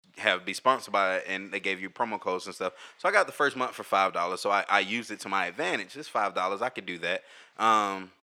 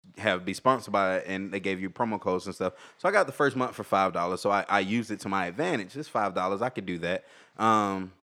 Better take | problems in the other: second | thin; somewhat; fading below 650 Hz

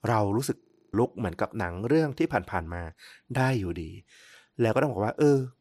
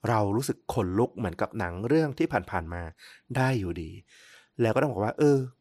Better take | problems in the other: second | audio freezing; at 0.5 s

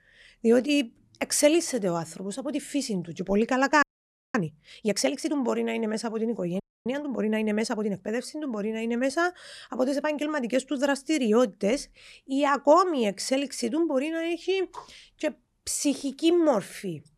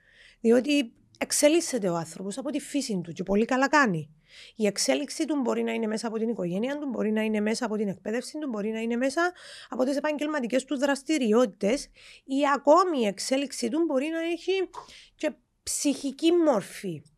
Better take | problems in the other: second | audio freezing; at 4 s for 0.5 s and at 6.5 s

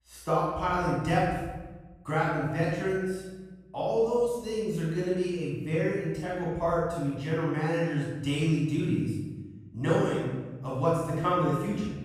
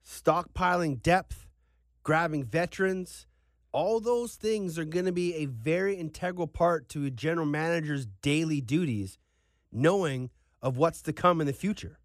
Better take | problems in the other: second | room echo; strong; dies away in 1.1 s // off-mic speech; far

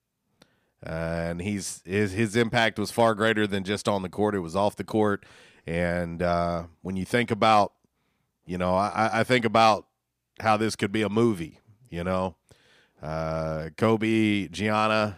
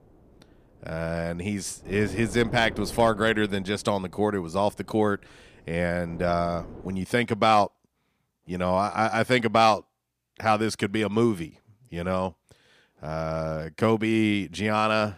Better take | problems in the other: first | wind noise on the microphone; occasional gusts; until 7 s; 20 dB below the speech

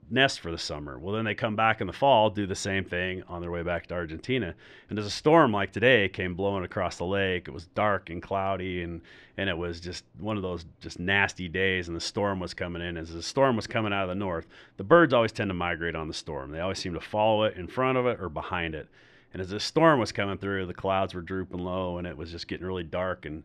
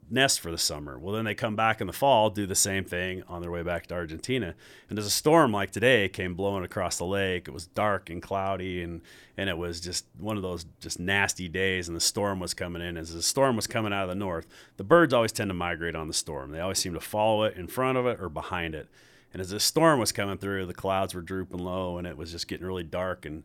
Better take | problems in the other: second | muffled; slightly; fading above 3 kHz

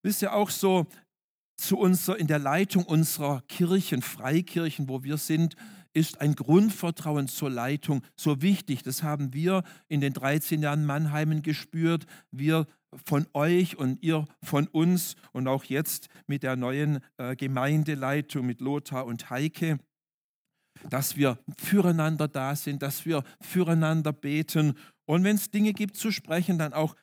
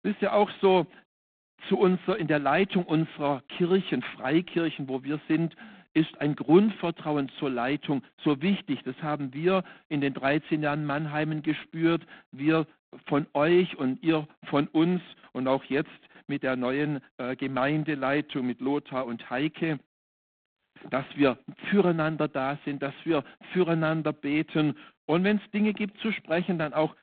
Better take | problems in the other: first | phone-call audio; poor line; nothing above 4 kHz

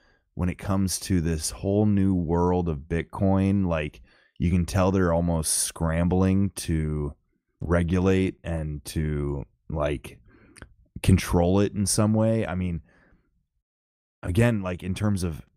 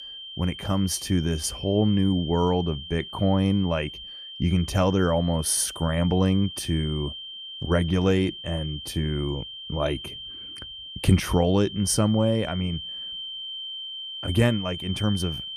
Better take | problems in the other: first | high-pitched whine; noticeable; throughout; 3 kHz, 10 dB below the speech

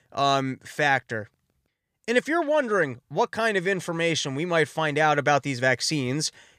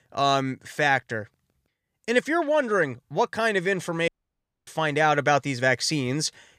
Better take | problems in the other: first | audio cutting out; at 4 s for 0.5 s

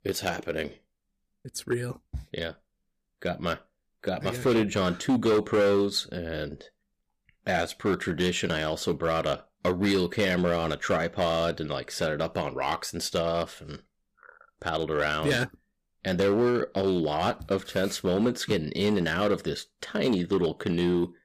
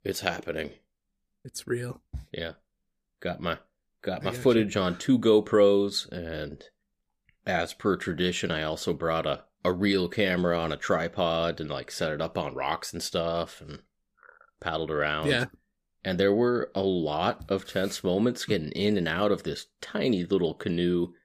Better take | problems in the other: second | distortion; slight; 5% of the sound clipped

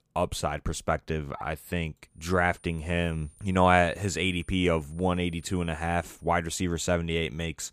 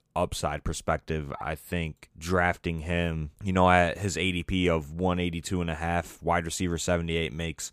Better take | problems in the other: second | high-pitched whine; faint; from 2 to 6.5 s; 9.5 kHz, 30 dB below the speech

